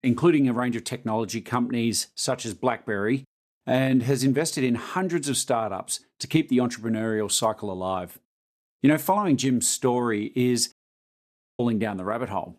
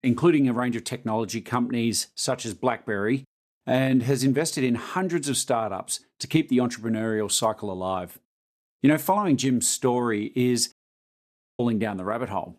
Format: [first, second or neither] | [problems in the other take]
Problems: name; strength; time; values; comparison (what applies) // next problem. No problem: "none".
neither | audio cutting out; at 11 s for 1 s; the same in both